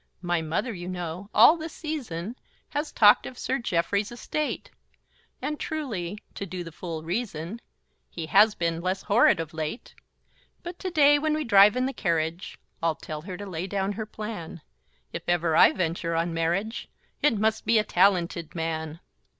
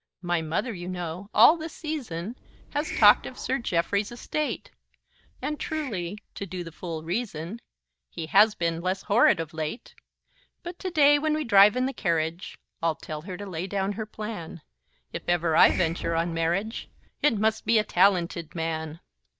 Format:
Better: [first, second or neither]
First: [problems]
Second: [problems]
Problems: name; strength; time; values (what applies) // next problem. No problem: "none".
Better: first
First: none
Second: noise reduction (neural mask model DeepFilterNet 3)